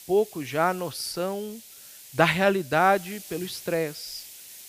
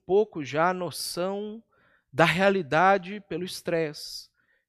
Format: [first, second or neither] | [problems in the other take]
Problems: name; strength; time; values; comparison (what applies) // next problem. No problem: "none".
second | hiss; noticeable; throughout; 15 dB below the speech